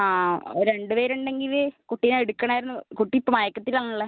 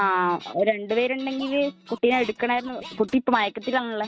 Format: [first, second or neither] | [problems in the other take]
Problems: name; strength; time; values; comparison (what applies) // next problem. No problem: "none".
first | noise reduction (neural mask model RNNoise)